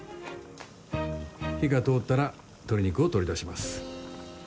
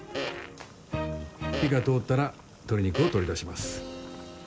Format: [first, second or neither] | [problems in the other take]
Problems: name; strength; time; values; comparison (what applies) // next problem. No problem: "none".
first | background sound (Fart); 10 dB below the speech